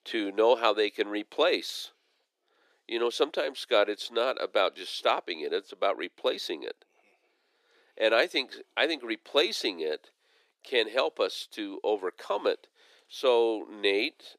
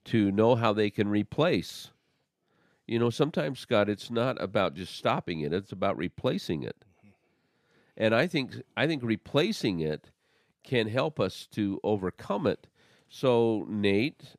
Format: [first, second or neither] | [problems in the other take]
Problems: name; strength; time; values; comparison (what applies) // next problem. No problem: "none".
second | thin; very; fading below 350 Hz